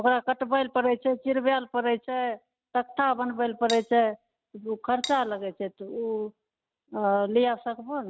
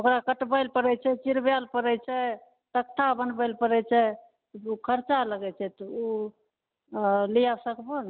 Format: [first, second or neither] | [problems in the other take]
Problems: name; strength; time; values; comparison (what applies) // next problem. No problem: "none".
second | noise reduction (neural mask model RNNoise)